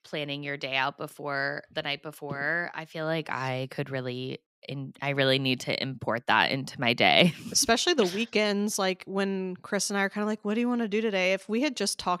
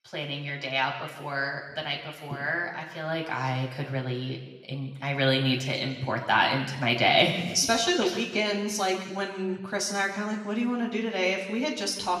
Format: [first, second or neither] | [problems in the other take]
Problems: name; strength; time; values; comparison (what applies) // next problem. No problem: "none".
first | room echo; noticeable; dies away in 1.2 s // off-mic speech; somewhat distant